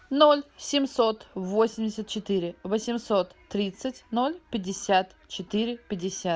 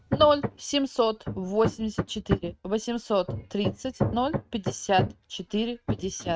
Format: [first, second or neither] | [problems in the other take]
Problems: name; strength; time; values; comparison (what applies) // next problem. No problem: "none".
first | noise reduction (neural mask model RNNoise)